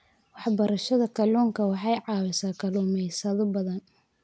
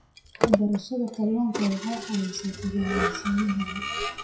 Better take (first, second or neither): first